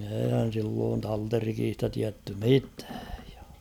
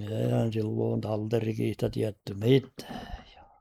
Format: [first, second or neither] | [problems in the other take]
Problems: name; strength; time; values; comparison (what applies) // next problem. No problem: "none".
first | noise reduction (neural mask model Resemble Enhance denoiser)